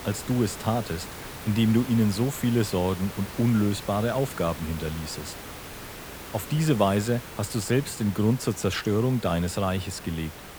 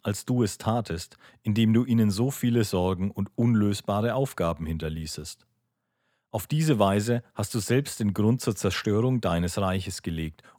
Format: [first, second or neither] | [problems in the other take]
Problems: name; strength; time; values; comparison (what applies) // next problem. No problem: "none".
second | hiss; noticeable; throughout; 10 dB below the speech